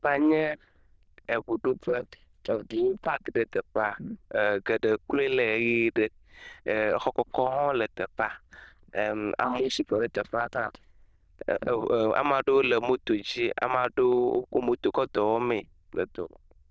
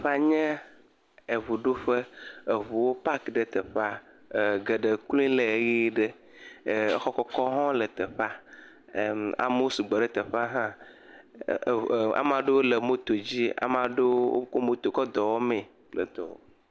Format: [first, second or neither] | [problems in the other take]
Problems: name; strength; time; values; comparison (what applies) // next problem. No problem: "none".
second | noise reduction (neural diffusion model UNIVERSE++)